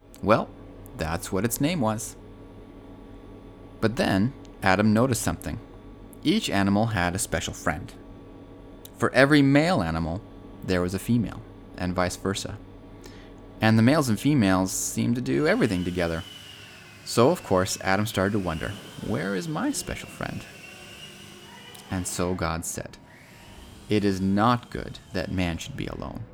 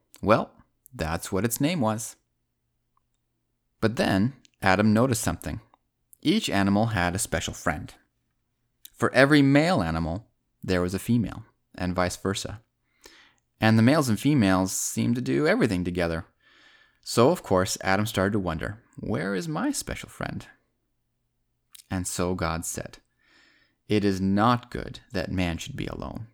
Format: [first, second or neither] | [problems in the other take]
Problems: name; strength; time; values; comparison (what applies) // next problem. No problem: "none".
second | machinery noise; faint; throughout; 20 dB below the speech